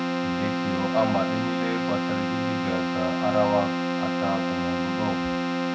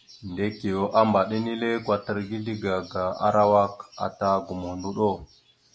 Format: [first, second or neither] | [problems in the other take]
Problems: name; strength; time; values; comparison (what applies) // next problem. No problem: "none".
second | background sound (Keyboard (musical)); 3 dB above the speech // room echo; dies away in 0.3 s